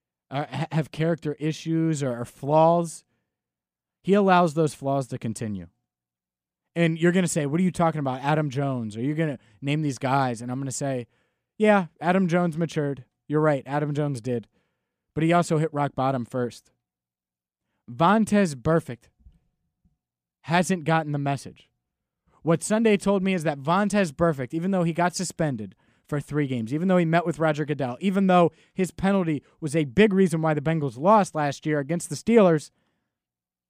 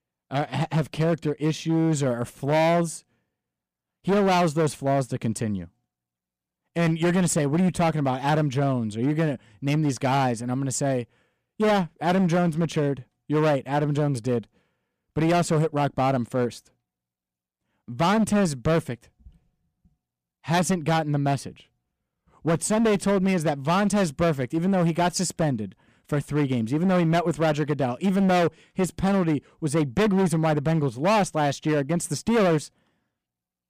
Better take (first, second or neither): first